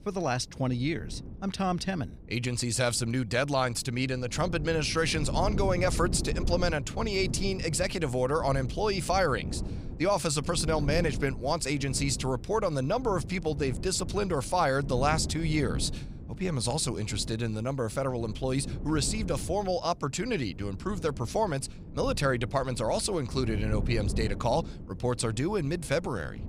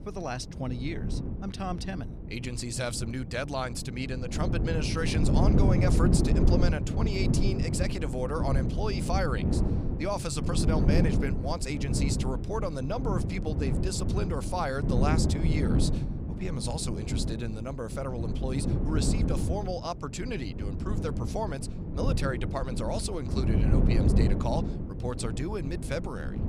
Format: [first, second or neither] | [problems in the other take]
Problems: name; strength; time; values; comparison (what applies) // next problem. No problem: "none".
first | wind noise on the microphone; heavy; 3 dB below the speech; occasional gusts in the first